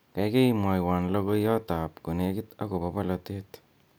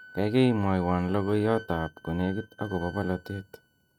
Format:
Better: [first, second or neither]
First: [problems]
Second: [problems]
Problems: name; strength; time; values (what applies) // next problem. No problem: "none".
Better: first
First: none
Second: noise reduction (neural mask model RNNoise)